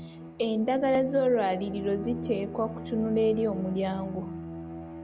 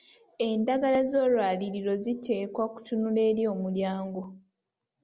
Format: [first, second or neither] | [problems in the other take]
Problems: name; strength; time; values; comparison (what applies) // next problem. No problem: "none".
second | background sound (Bowed string instrument); 11 dB below the speech